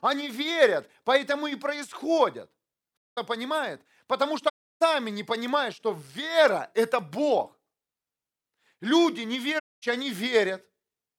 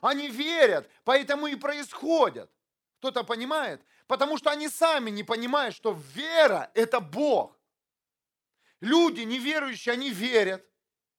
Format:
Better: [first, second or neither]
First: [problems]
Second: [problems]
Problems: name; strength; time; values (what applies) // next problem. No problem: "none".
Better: second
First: audio cutting out; at 3 s, at 4.5 s and at 9.5 s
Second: none